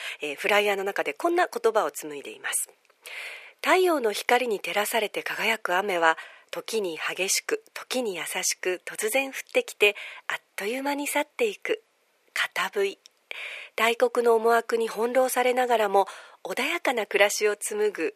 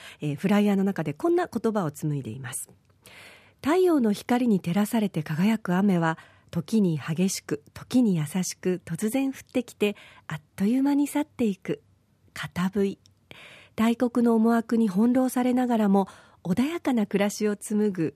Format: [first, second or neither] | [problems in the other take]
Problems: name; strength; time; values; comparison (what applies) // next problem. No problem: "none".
second | thin; very; fading below 450 Hz